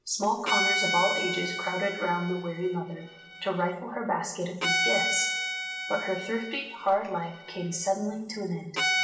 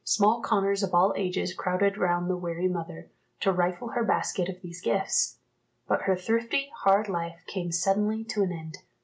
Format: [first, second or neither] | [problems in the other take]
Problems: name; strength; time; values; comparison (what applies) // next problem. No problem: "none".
second | background sound (Bowed string instrument); 2 dB below the speech // room echo; dies away in 1 s